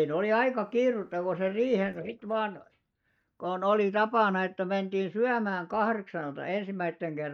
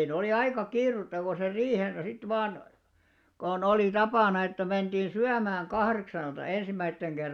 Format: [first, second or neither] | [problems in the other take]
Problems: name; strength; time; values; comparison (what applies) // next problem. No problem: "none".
second | noise reduction (neural mask model DeepFilterNet 3)